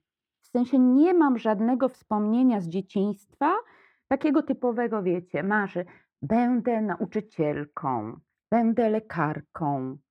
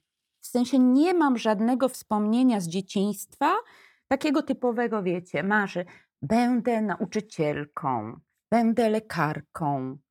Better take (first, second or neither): second